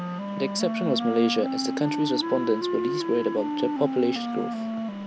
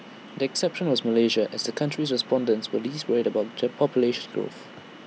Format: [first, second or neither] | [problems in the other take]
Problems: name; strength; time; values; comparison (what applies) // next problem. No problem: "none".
second | background sound (Wind instrument, woodwind instrument); 2 dB below the speech